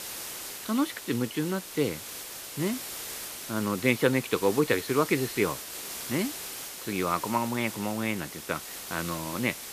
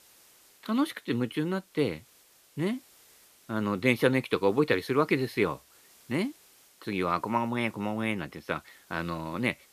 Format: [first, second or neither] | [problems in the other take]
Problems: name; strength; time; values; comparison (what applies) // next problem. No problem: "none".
second | hiss; loud; throughout; 8 dB below the speech; faint in the second